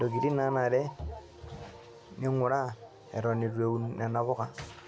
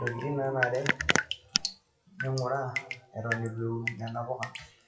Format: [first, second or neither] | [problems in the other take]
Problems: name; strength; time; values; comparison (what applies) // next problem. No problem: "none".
first | noise reduction (classical method WPE with log-MMSE)